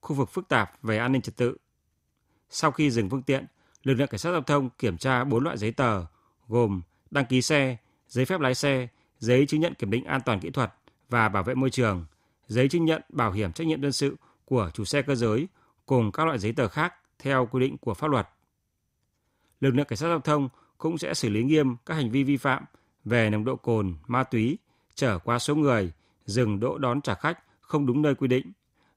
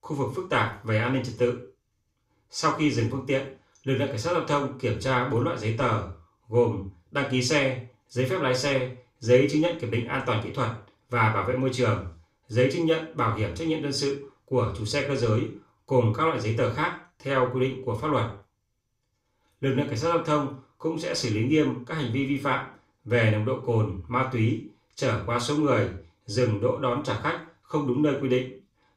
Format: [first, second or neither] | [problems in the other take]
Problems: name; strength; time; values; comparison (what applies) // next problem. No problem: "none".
first | room echo; slight; dies away in 0.3 s // off-mic speech; far